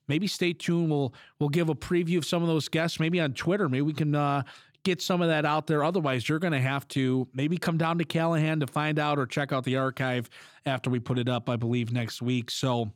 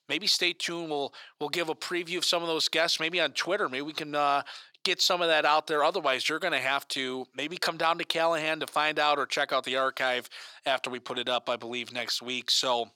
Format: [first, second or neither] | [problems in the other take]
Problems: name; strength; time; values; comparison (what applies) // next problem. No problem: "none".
first | thin; very; fading below 650 Hz